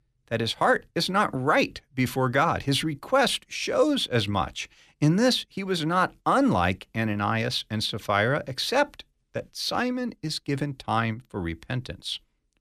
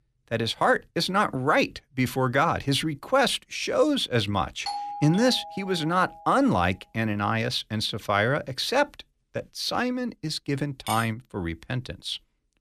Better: first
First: none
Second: doorbell; noticeable; from 4.5 to 6.5 s; peak 7 dB below the speech // clattering dishes; noticeable; at 11 s; peak 10 dB below the speech

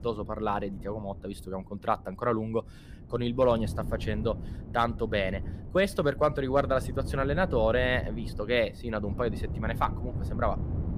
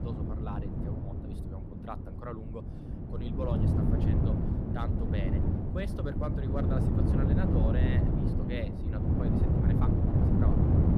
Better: first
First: wind noise on the microphone; occasional gusts; 20 dB below the speech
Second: wind noise on the microphone; heavy; 4 dB above the speech

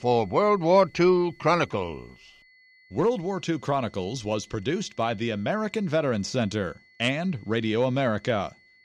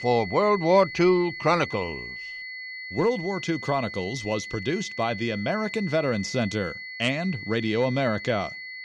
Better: first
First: high-pitched whine; faint; throughout; 2 kHz, 30 dB below the speech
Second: high-pitched whine; loud; throughout; 2 kHz, 10 dB below the speech

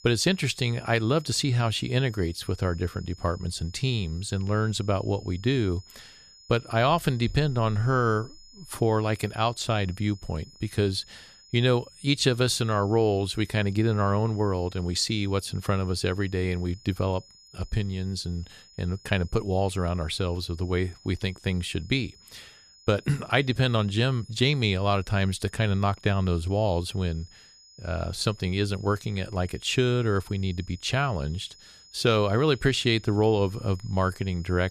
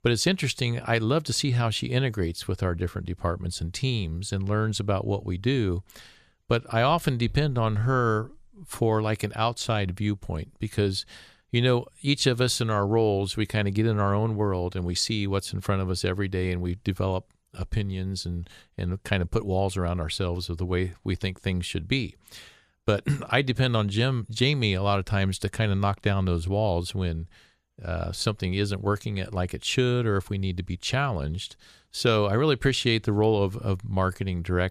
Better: second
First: high-pitched whine; faint; throughout; 5 kHz, 25 dB below the speech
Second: none

